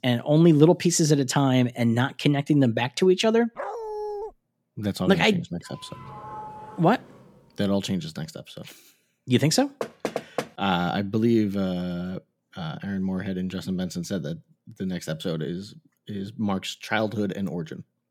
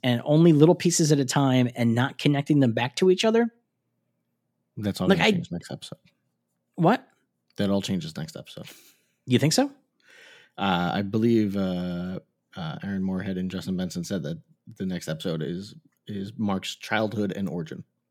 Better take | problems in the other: second | dog barking; noticeable; at 3.5 s; peak 8 dB below the speech // doorbell; faint; from 5.5 to 7.5 s; peak 15 dB below the speech // door banging; noticeable; at 10 s; peak 6 dB below the speech

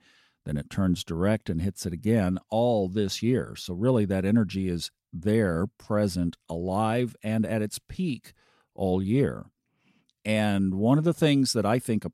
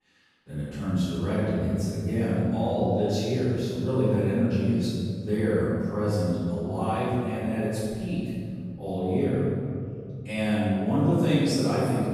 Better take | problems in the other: first | off-mic speech; far // room echo; strong; dies away in 2.8 s

